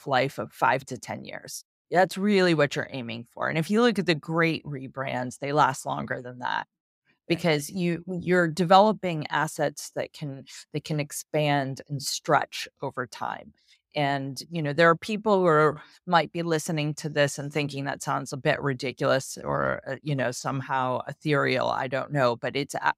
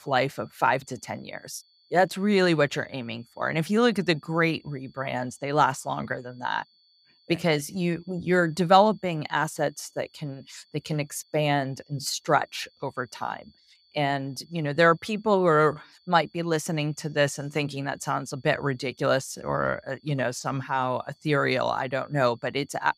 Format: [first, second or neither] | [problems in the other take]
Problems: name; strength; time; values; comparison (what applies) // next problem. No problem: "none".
first | high-pitched whine; faint; throughout; 4.5 kHz, 35 dB below the speech